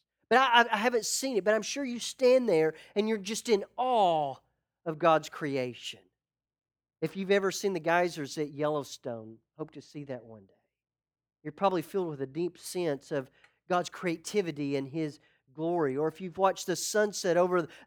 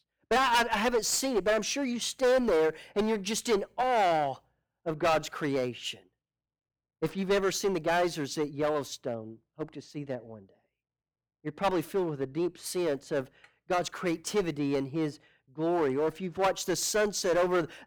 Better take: first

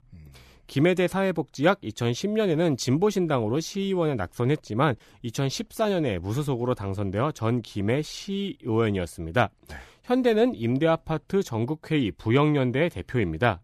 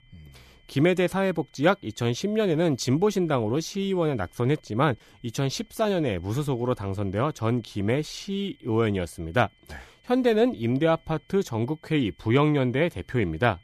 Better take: first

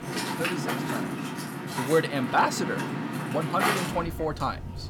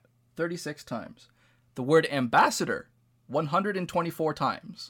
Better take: second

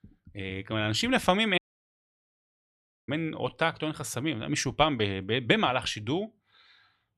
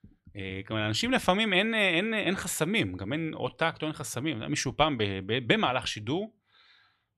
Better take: second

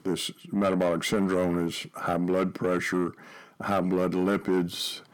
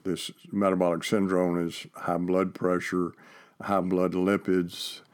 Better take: second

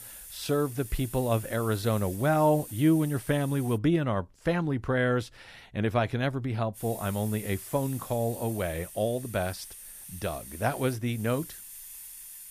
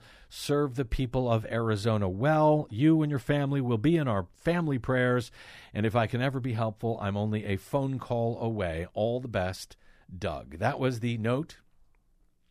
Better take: second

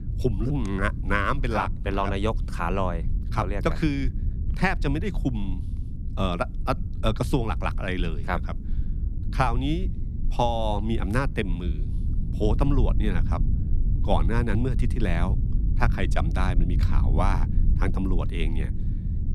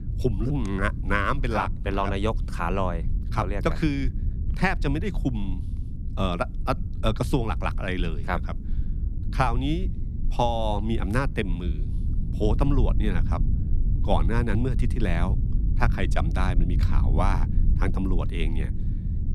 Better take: neither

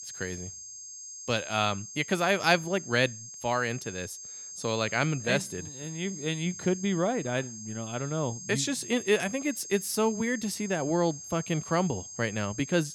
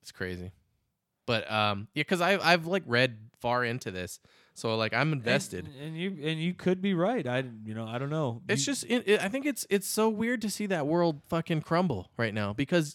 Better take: second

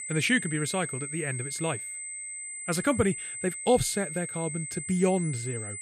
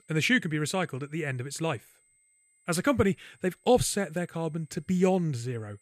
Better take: second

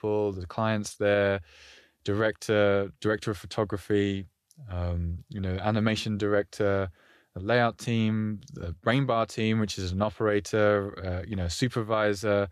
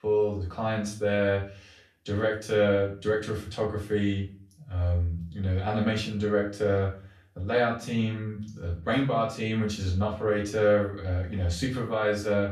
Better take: first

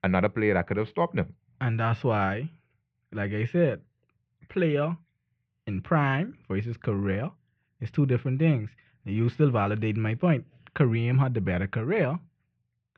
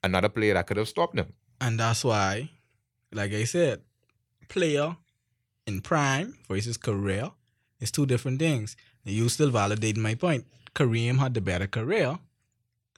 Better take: second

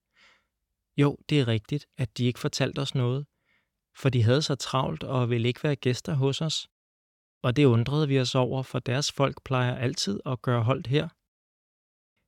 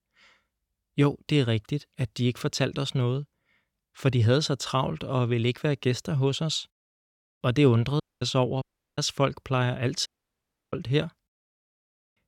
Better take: first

